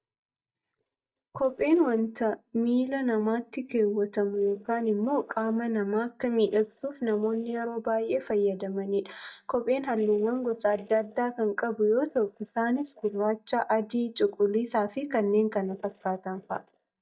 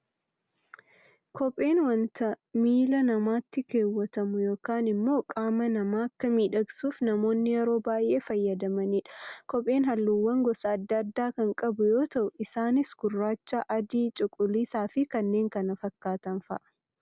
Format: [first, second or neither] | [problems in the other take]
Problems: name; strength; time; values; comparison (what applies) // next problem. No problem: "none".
second | noise reduction (neural mask model DeepFilterNet 3)